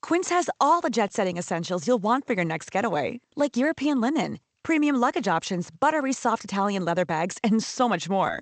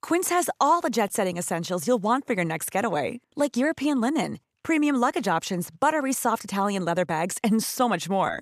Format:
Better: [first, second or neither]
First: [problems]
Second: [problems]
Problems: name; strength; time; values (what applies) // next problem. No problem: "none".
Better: second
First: garbled, watery; slightly; nothing above 8 kHz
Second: none